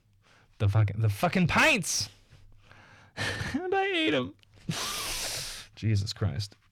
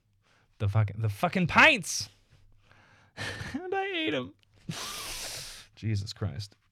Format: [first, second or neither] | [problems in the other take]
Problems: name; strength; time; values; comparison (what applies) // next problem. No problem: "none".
second | distortion; heavy; 6 dB below the speech